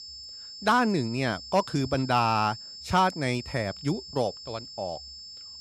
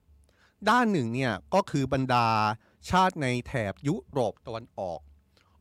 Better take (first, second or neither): second